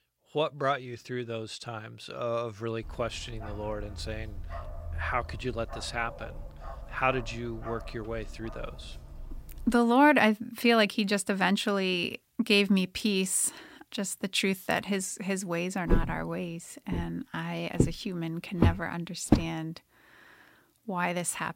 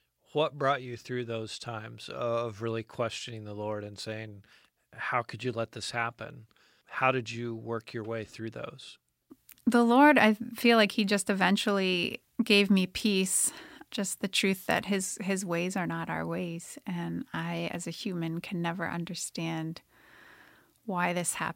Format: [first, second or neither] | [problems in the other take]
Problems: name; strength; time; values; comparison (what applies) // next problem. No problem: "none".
second | dog barking; noticeable; from 3 to 10 s; peak 9 dB below the speech // footsteps; loud; from 16 to 19 s; peak 2 dB above the speech